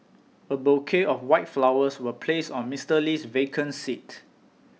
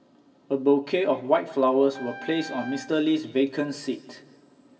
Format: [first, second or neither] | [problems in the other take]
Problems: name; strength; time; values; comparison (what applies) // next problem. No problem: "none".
first | background sound (Wind instrument, woodwind instrument); 17 dB below the speech // room echo; dies away in 2 s